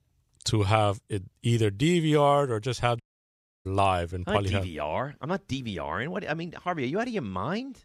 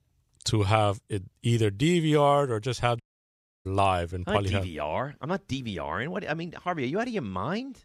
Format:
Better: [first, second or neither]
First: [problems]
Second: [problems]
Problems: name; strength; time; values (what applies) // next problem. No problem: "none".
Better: neither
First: audio cutting out; at 3 s for 0.5 s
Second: audio cutting out; at 3 s for 0.5 s